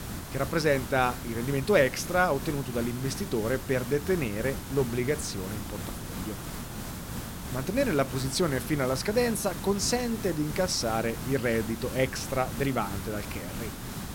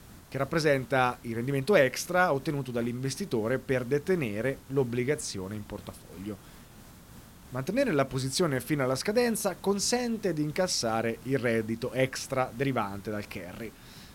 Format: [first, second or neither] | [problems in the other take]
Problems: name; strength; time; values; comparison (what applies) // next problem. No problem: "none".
second | hiss; loud; throughout; 9 dB below the speech; faint in the second